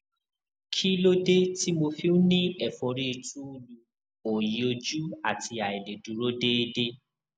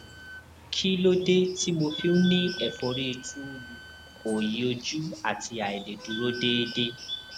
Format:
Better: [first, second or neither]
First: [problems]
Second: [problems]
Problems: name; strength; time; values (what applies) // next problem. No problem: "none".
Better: first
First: none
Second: background sound (Bird + Wind instrument, woodwind instrument); 12 dB below the speech